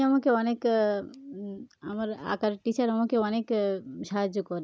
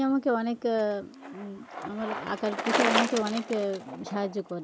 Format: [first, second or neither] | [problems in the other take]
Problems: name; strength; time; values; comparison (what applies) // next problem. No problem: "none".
first | background sound (Bicycle); 4 dB below the speech